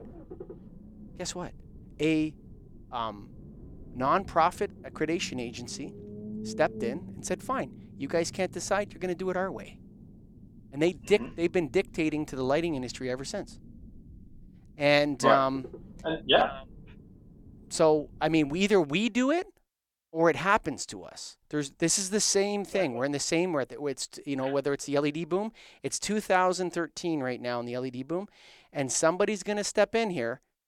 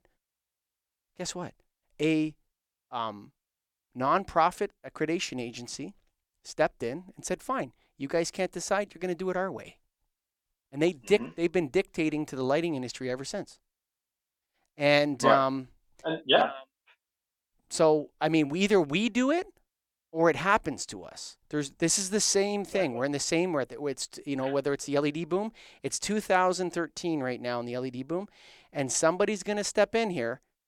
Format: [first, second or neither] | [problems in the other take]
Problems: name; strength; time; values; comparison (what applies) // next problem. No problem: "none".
second | low rumble; faint; until 19 s; 25 dB below the speech